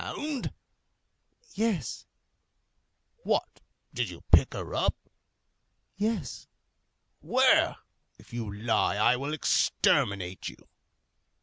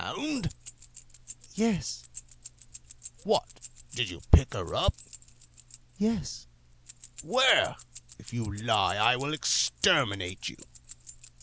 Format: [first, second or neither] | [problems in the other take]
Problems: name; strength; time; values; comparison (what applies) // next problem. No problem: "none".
first | background sound (Keys jangling); 19 dB below the speech